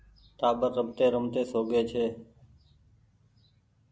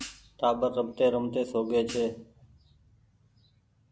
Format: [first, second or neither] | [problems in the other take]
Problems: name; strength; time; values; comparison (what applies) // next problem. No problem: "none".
first | background sound (Hi-hat); 16 dB below the speech